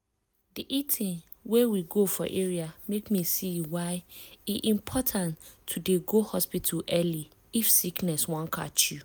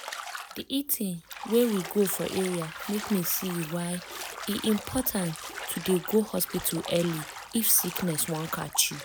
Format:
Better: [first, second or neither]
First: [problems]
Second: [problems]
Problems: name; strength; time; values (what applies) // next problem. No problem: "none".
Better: first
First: none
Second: background sound (Bathtub (filling or washing)); 11 dB below the speech